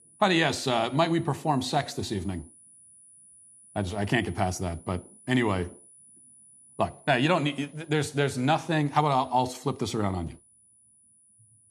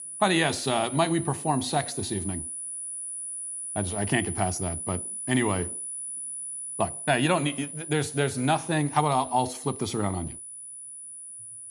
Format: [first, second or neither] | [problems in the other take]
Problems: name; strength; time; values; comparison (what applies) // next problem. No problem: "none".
first | high-pitched whine; loud; throughout; 10 kHz, 7 dB below the speech; faint in the first